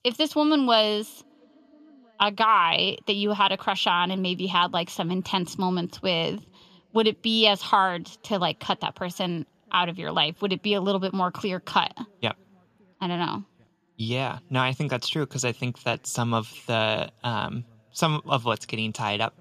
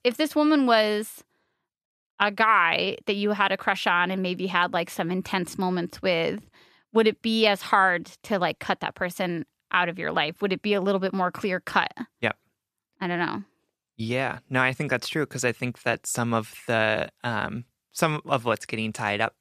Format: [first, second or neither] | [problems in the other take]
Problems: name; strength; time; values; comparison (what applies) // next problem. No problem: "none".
second | room echo; very slight; dies away in 3 s